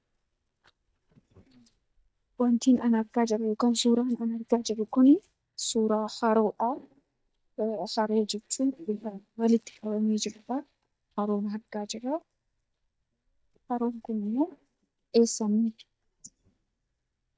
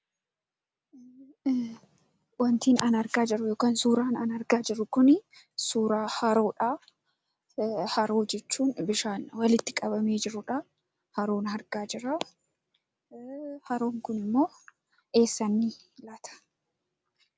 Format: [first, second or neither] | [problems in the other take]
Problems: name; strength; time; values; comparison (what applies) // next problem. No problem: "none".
second | noise reduction (neural mask model DeepFilterNet 3)